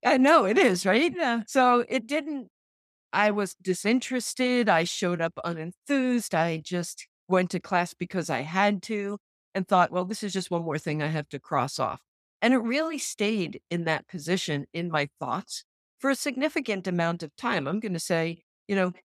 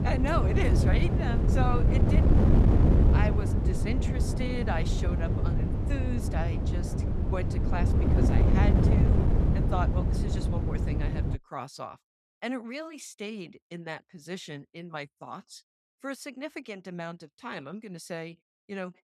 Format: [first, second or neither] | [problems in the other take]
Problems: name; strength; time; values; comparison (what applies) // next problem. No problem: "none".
first | wind noise on the microphone; heavy; until 11 s; 1 dB above the speech